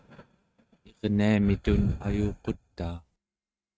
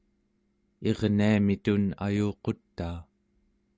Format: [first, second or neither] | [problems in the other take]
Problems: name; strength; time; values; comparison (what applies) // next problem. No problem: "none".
second | noise reduction (neural mask model RNNoise)